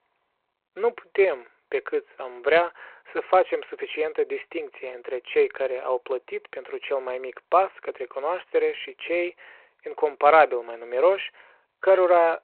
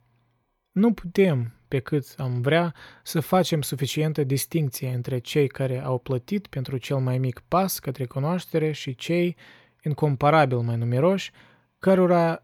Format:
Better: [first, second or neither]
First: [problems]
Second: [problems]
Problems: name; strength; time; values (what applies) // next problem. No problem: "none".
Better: second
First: phone-call audio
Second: none